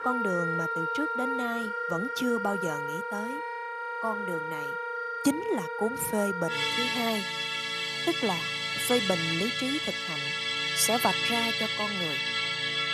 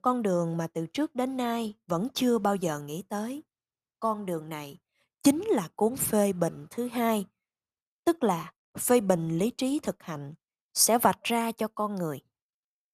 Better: second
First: background music; very loud; throughout; 2 dB above the speech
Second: none

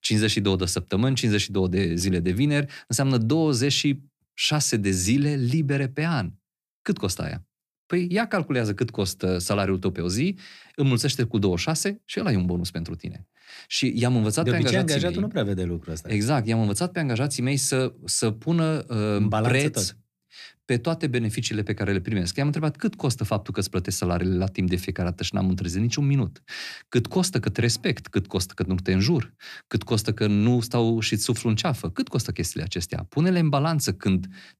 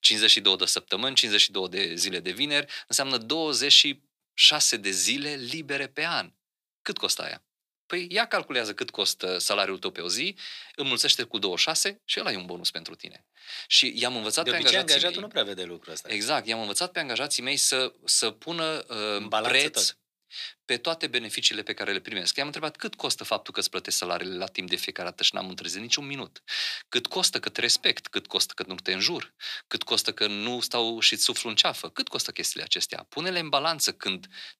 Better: first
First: none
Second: thin; very; fading below 550 Hz

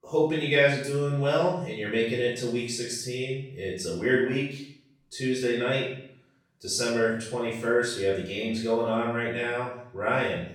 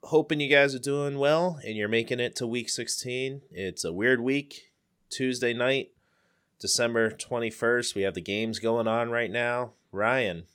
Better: second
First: room echo; noticeable; dies away in 0.6 s // off-mic speech; far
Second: none

